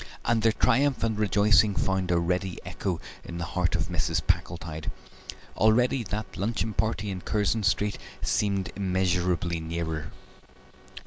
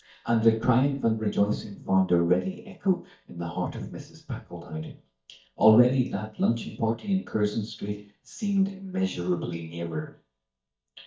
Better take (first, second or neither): first